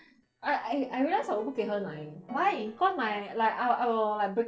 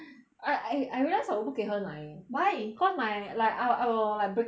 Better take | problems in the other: second | noise reduction (neural separator model SepFormer DNS4)

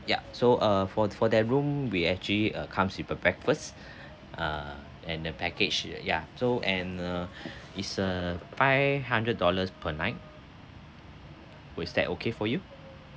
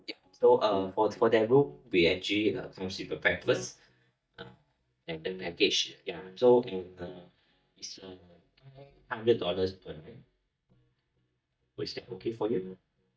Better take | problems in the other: first | noise reduction (neural mask model DeepFilterNet 3)

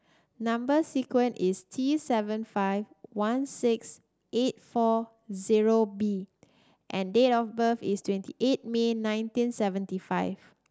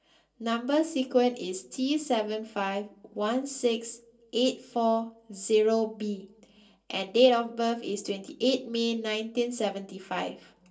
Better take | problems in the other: first | room echo; dies away in 0.2 s

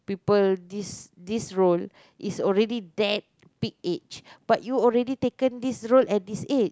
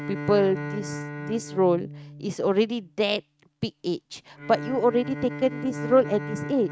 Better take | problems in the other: first | noise reduction (neural mask model RNNoise)

